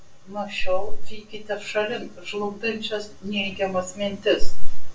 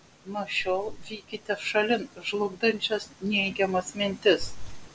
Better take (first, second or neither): second